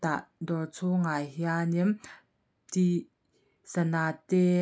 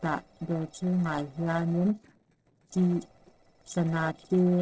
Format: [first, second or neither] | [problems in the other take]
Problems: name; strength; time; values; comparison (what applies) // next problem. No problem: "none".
first | noise reduction (neural separator model SepFormer DNS4)